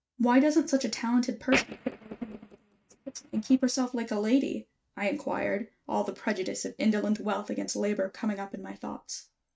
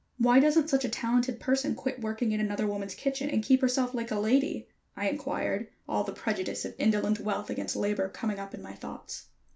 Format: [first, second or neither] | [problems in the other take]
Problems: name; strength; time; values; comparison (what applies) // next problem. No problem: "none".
second | noise reduction (neural mask model RNNoise)